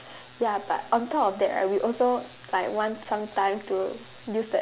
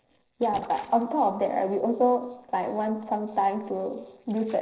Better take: first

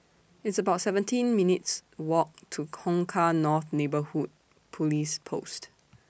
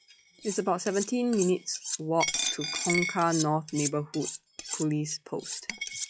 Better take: first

